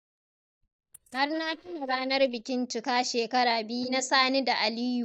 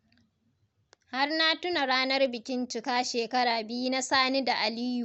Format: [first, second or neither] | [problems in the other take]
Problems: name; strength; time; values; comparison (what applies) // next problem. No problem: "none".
second | noise reduction (neural mask model DeepFilterNet 3)